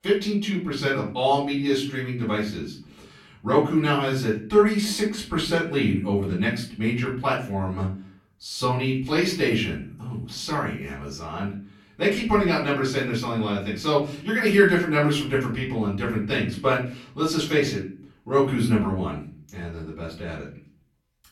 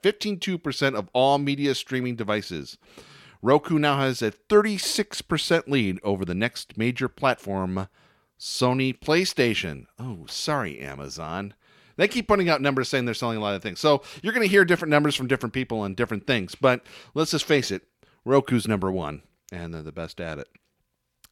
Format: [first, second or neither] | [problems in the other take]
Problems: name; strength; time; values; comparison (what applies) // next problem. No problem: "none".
second | off-mic speech; far // room echo; slight; dies away in 0.5 s